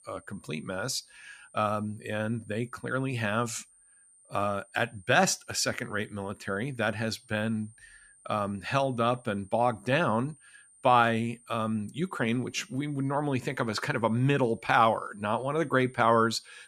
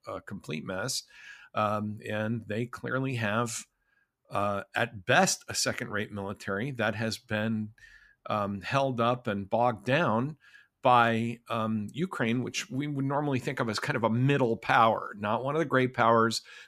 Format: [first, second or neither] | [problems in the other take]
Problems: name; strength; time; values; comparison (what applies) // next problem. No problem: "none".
second | high-pitched whine; faint; throughout; 9 kHz, 30 dB below the speech